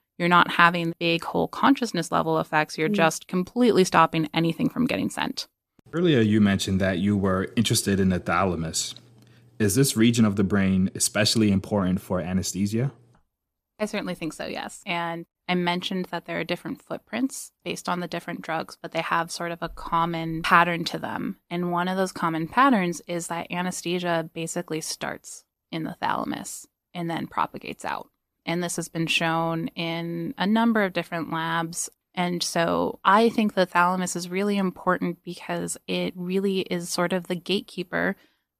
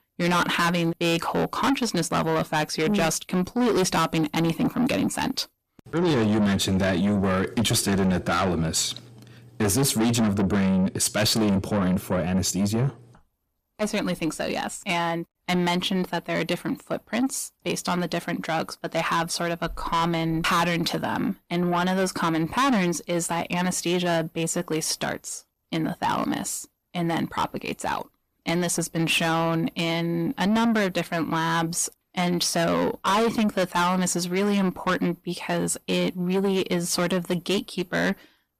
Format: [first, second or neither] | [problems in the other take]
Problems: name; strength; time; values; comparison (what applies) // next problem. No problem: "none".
first | distortion; heavy; 6 dB below the speech